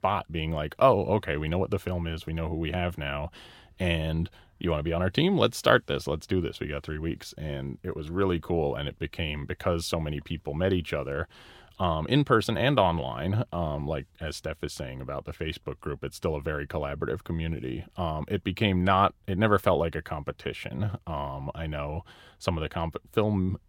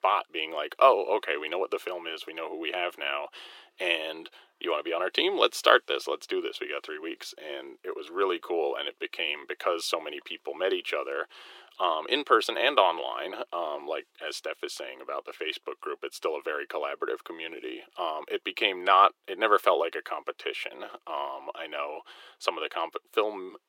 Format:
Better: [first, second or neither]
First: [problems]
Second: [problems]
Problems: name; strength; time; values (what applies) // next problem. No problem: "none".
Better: first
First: none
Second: thin; very; fading below 350 Hz